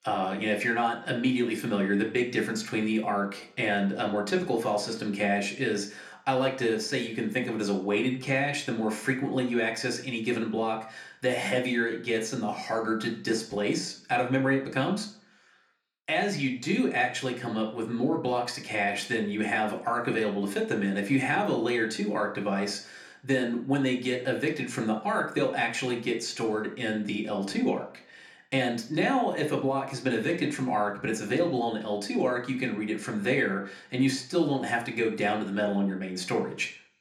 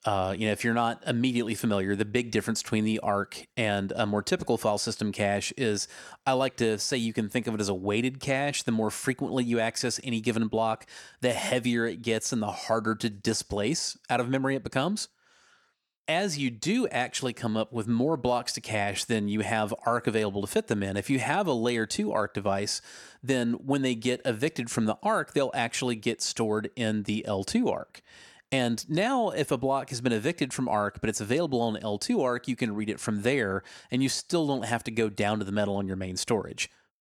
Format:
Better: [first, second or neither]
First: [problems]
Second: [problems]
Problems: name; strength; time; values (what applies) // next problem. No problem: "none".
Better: second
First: room echo; slight; dies away in 0.4 s // off-mic speech; somewhat distant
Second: none